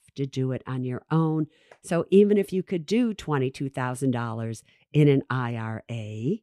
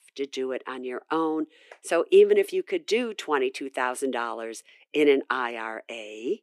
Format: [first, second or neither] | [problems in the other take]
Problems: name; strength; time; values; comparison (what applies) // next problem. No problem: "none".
first | thin; very; fading below 300 Hz